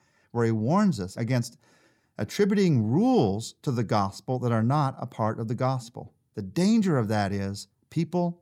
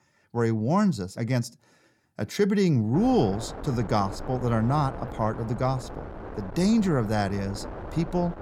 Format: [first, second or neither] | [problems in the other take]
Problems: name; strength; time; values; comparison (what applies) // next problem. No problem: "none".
first | wind noise on the microphone; occasional gusts; from 3 s on; 10 dB below the speech